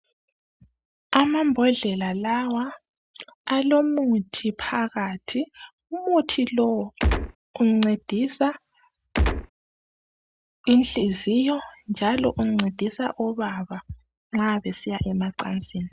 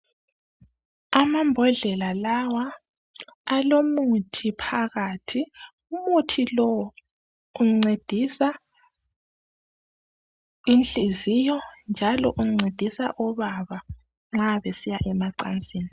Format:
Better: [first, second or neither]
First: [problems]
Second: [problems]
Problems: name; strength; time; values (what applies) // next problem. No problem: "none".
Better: second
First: background sound (Gunshot, gunfire); 3 dB above the speech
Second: none